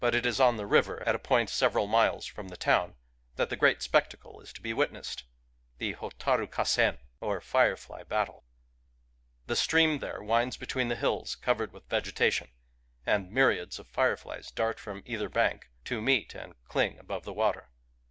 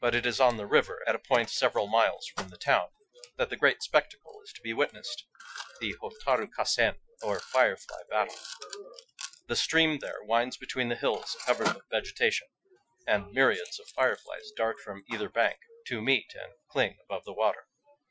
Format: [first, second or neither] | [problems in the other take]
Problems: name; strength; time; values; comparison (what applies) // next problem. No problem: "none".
first | noise reduction (classical method Wiener filter)